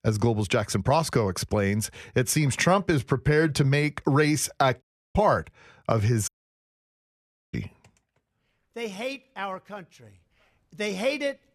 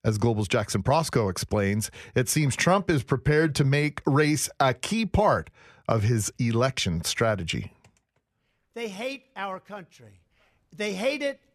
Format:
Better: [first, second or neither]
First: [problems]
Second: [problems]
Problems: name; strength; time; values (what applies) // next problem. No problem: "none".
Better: second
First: audio cutting out; at 5 s and at 6.5 s for 1.5 s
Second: none